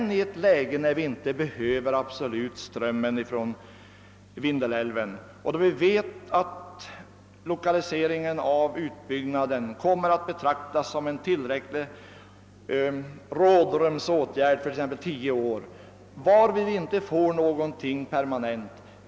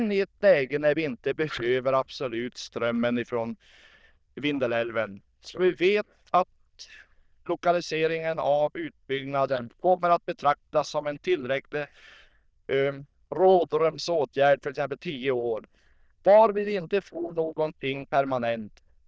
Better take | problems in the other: first | noise reduction (neural diffusion model UNIVERSE++)

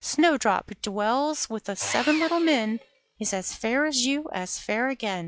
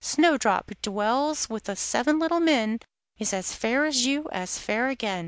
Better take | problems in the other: second | noise reduction (classical method log-MMSE)

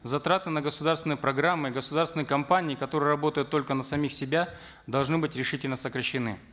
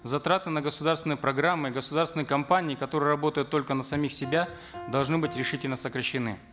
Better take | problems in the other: first | background sound (Piano); 20 dB below the speech

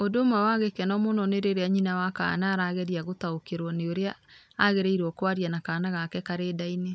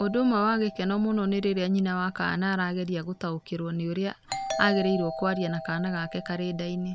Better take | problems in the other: first | background sound (Doorbell); 12 dB below the speech

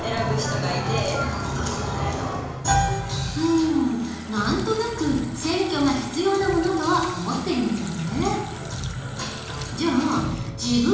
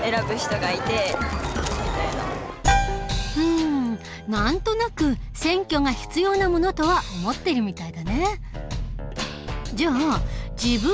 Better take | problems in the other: second | background sound (Water tap, faucet); 17 dB below the speech // room echo; dies away in 1 s

